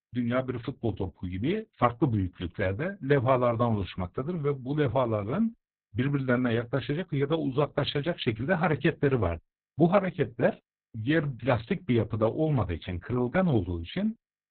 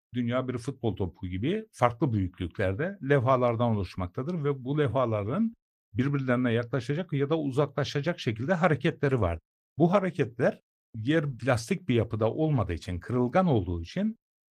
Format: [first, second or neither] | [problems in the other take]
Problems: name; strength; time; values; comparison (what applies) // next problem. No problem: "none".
second | garbled, watery; badly; nothing above 4 kHz; slightly in the second